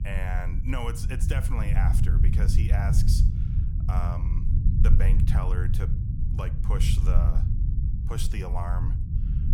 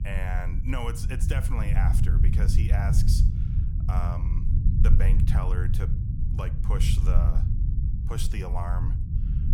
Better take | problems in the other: neither | low rumble; loud; throughout; 4 dB below the speech; the same in both

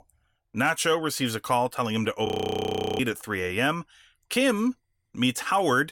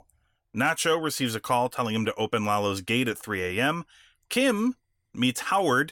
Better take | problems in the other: second | audio freezing; at 2.5 s for 0.5 s

